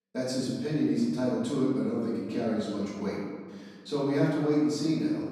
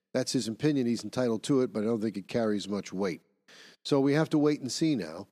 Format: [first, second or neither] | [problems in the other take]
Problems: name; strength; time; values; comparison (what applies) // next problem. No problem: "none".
second | off-mic speech; far // room echo; strong; dies away in 1.7 s